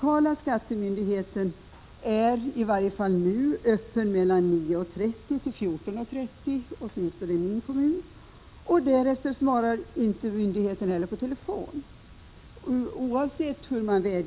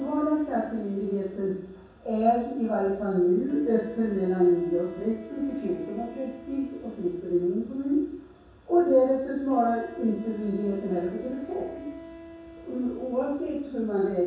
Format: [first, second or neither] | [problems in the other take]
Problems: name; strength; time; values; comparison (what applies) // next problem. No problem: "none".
first | background sound (Wind instrument, woodwind instrument); 20 dB below the speech // room echo; dies away in 0.7 s